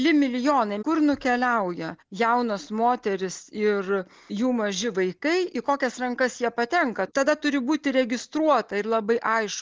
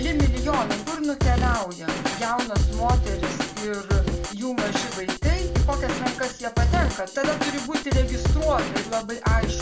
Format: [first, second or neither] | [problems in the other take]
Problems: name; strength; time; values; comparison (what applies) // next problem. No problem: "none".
first | background sound (Drum kit); 4 dB above the speech // room echo; dies away in 0.2 s